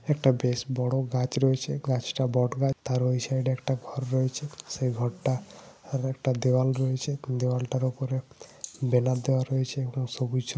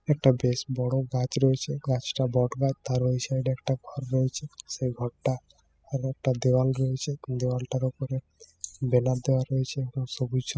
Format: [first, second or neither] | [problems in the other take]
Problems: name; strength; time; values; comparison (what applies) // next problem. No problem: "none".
first | noise reduction (classical method spectral subtraction)